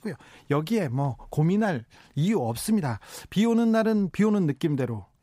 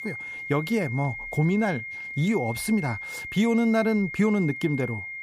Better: first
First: none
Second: high-pitched whine; loud; throughout; 2 kHz, 8 dB below the speech

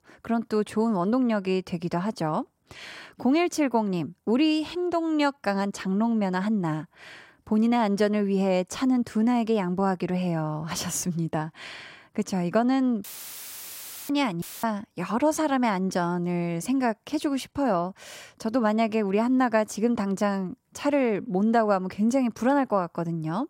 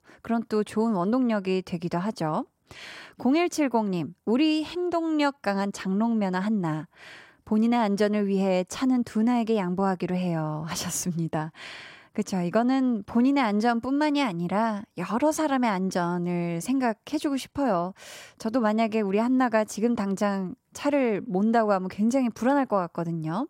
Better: second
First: audio cutting out; filled with static; at 13 s for 1 s and at 14 s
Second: none

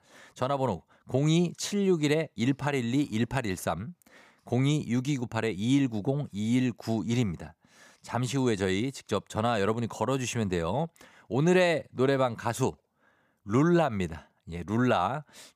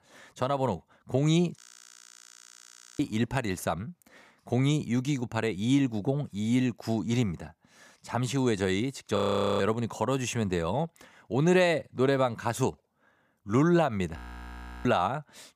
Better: first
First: none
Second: audio freezing; at 1.5 s for 1.5 s, at 9 s and at 14 s for 0.5 s

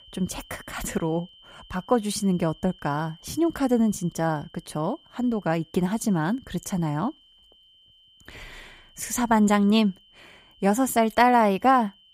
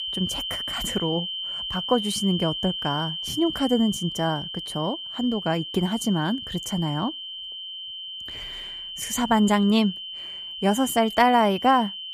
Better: first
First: high-pitched whine; faint; throughout; 3 kHz, 30 dB below the speech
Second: high-pitched whine; loud; throughout; 3 kHz, 7 dB below the speech

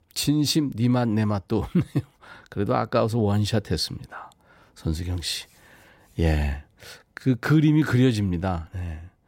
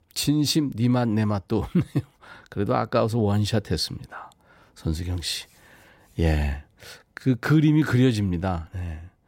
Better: neither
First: none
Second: none

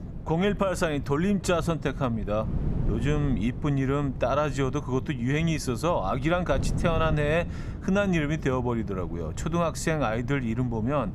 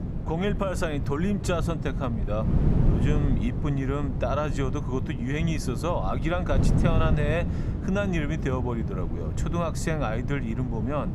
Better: first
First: wind noise on the microphone; occasional gusts; 15 dB below the speech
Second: wind noise on the microphone; heavy; 7 dB below the speech

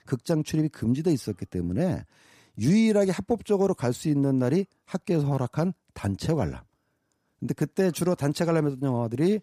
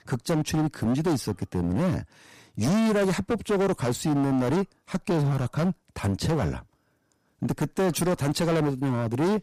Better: first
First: none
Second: distortion; heavy; 20% of the sound clipped

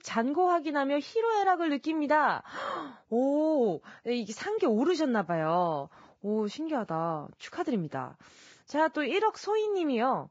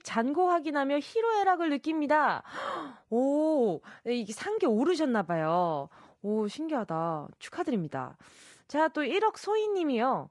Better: second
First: garbled, watery; badly; nothing above 7.5 kHz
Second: garbled, watery; slightly; nothing above 11 kHz

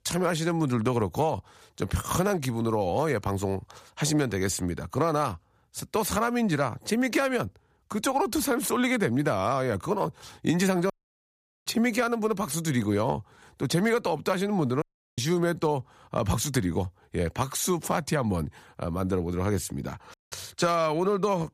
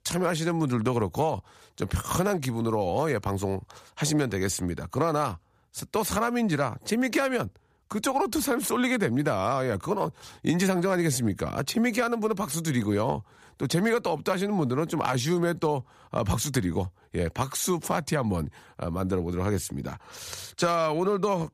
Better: second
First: audio cutting out; at 11 s for 1 s, at 15 s and at 20 s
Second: none

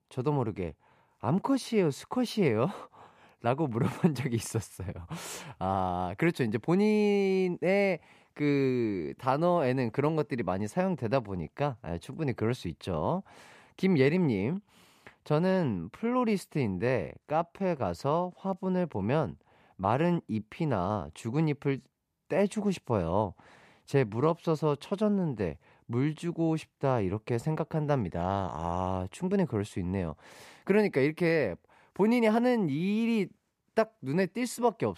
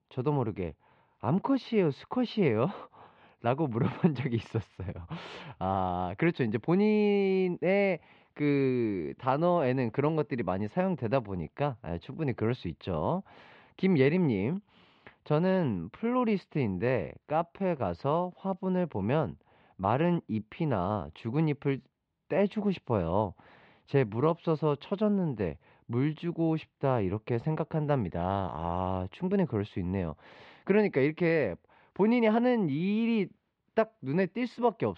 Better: first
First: none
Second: muffled; slightly; fading above 3.5 kHz

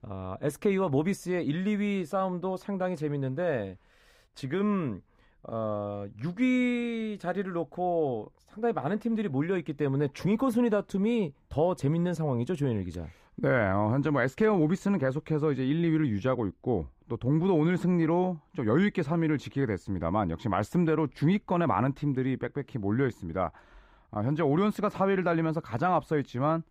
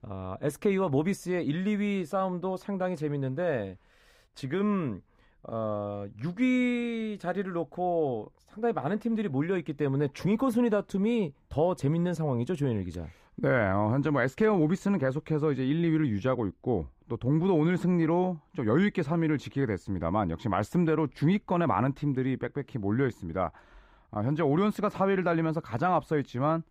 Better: neither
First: muffled; slightly; fading above 4 kHz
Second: muffled; slightly; fading above 4 kHz

